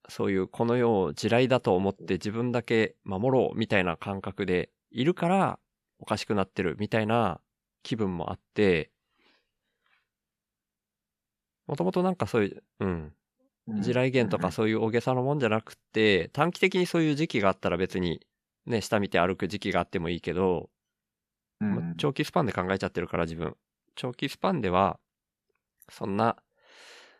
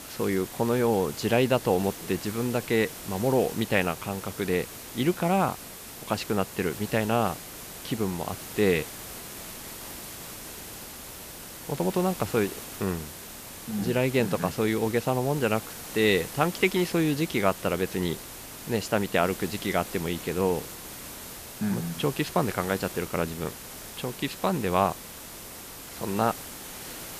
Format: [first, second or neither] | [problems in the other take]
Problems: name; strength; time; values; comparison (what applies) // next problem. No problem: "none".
first | hiss; noticeable; throughout; 10 dB below the speech